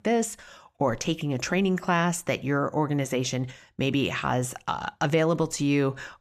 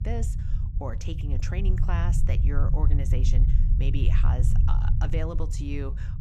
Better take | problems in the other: first | low rumble; loud; throughout; 4 dB below the speech

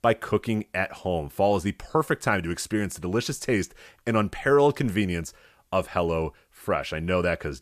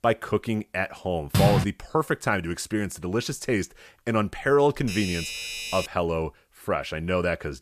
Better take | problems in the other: first | door banging; loud; at 1.5 s; peak 4 dB above the speech // doorbell; noticeable; from 5 to 6 s; peak 4 dB below the speech

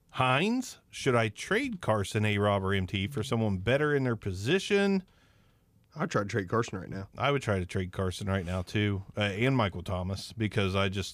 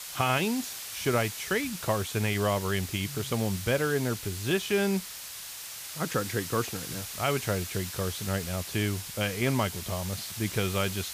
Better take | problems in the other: first | hiss; loud; throughout; 7 dB below the speech

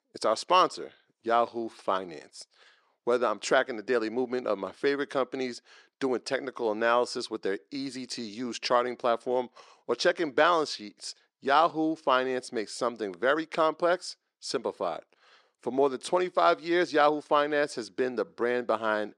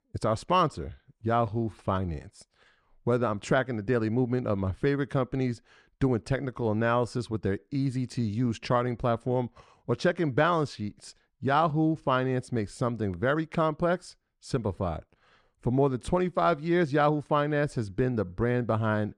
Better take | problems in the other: second | thin; somewhat; fading below 350 Hz

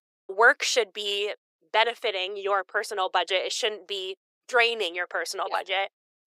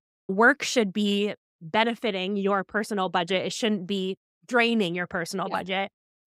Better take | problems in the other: second | thin; very; fading below 400 Hz

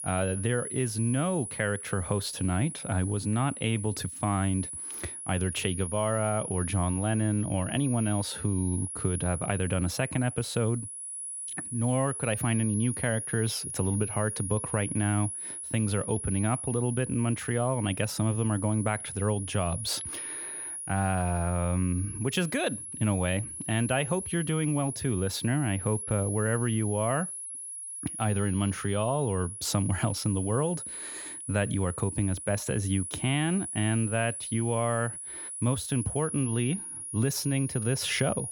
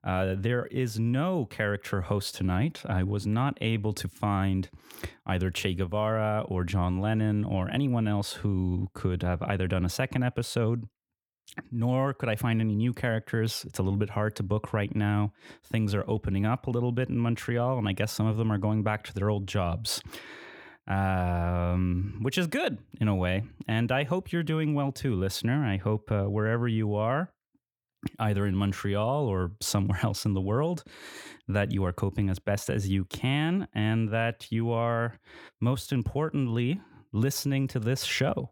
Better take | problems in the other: second | high-pitched whine; loud; throughout; 10.5 kHz, 6 dB below the speech

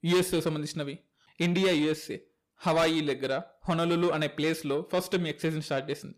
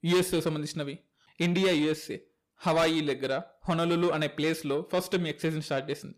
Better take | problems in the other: neither | distortion; heavy; 8 dB below the speech; the same in both

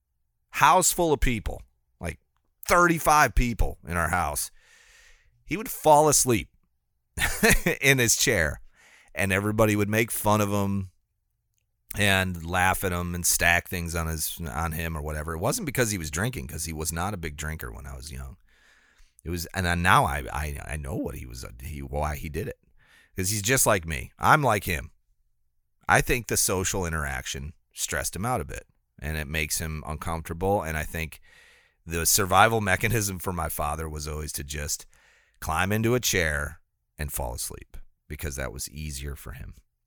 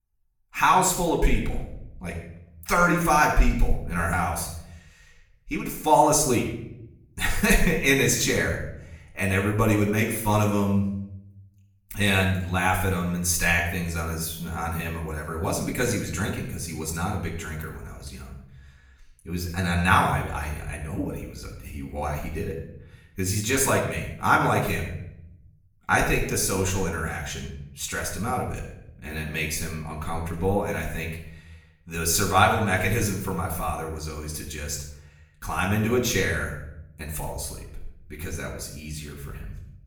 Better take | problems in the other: first | off-mic speech; far // room echo; noticeable; dies away in 0.7 s

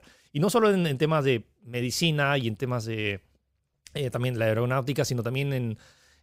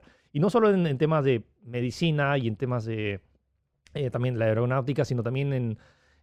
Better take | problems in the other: first | muffled; slightly; fading above 1.5 kHz

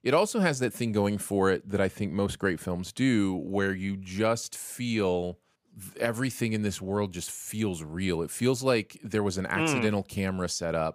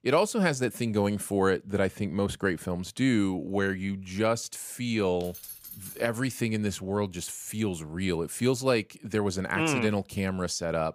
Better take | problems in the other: first | jangling keys; faint; at 5 s; peak 15 dB below the speech

